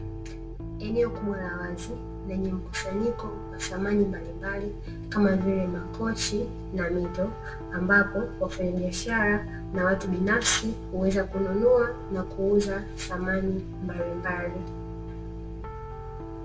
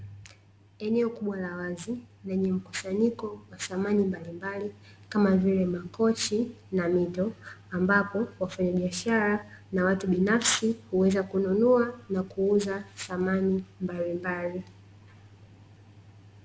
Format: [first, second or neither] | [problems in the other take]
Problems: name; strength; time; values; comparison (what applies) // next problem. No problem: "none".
second | background sound (Piano); 8 dB below the speech // room echo; dies away in 0.1 s